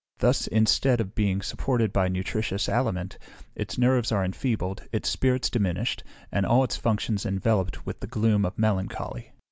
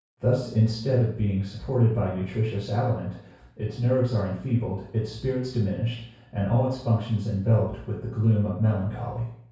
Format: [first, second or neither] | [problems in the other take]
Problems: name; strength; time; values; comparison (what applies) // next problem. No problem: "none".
first | room echo; dies away in 0.6 s